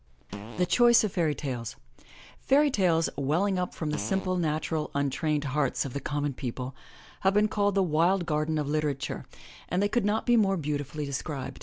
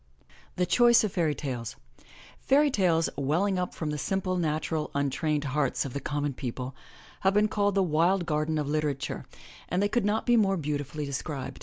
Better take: second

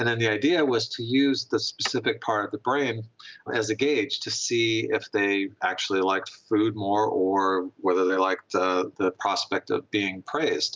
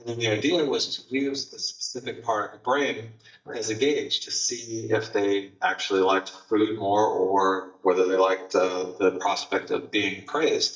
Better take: first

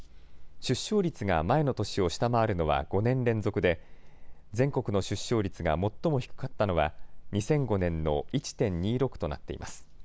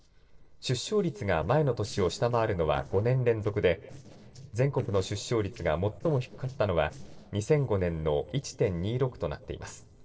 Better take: first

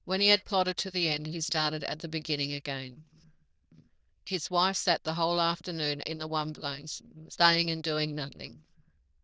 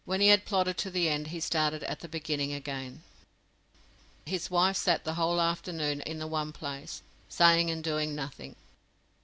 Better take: second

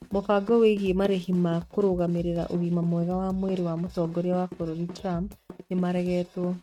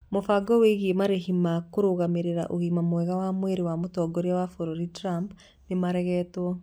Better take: second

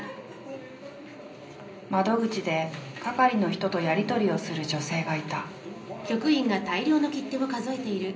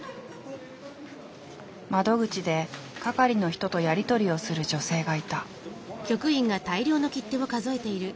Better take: second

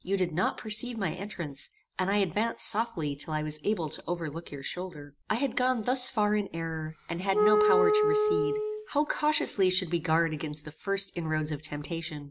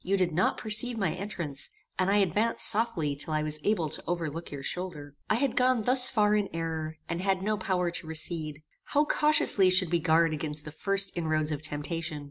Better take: second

